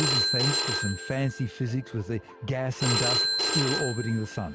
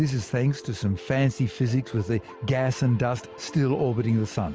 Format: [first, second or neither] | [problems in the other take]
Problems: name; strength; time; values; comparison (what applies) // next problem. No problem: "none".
second | background sound (Telephone); as loud as the speech